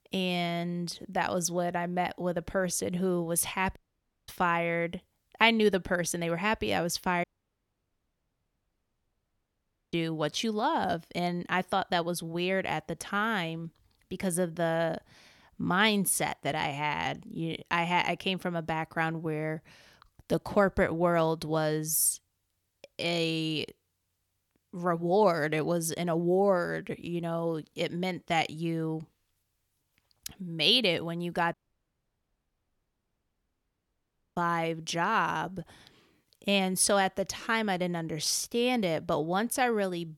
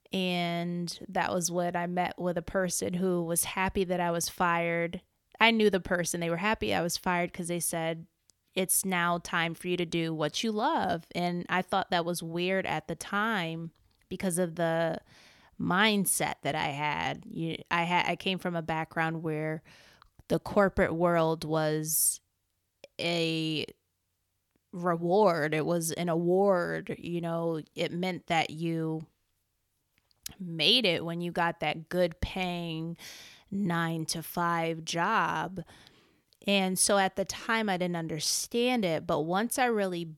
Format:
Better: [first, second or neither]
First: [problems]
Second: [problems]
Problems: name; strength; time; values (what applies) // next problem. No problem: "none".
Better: second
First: audio cutting out; at 4 s for 0.5 s, at 7 s for 2.5 s and at 32 s for 3 s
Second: none